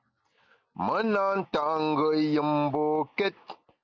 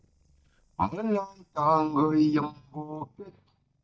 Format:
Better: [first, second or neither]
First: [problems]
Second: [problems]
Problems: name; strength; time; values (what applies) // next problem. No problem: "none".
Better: first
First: none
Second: noise reduction (neural mask model DeepFilterNet 3)